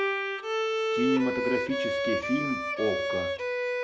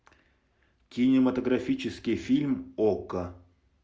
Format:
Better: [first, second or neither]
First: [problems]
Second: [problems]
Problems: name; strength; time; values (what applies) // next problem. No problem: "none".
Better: second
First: background sound (Bowed string instrument); 3 dB above the speech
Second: none